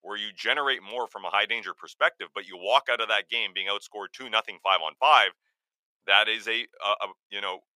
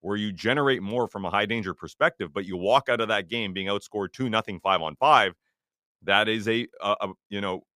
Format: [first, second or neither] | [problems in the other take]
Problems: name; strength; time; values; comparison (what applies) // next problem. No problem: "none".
second | thin; very; fading below 750 Hz